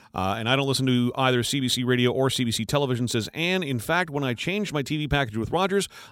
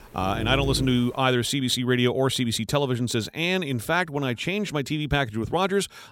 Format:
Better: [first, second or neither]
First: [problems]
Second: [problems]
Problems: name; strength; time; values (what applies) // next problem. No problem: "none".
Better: first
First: none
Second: dog barking; noticeable; at the start; peak 6 dB below the speech